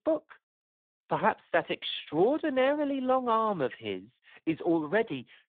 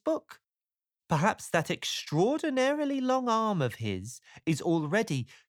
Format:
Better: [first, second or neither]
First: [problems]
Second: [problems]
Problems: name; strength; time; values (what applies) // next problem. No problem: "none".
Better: second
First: phone-call audio; poor line; nothing above 3.5 kHz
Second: none